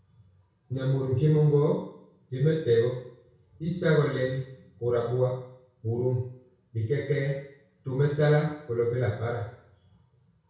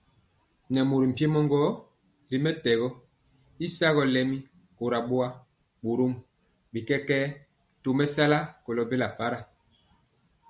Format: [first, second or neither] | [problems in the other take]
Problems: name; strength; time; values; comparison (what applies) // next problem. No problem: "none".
second | room echo; dies away in 0.6 s